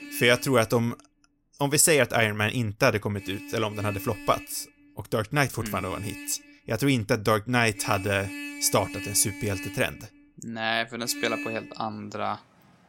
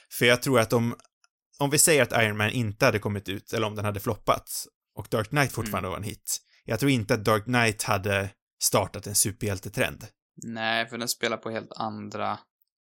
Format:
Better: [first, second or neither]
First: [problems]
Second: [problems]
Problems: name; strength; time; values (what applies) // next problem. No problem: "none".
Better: second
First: traffic noise; noticeable; throughout; 15 dB below the speech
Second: none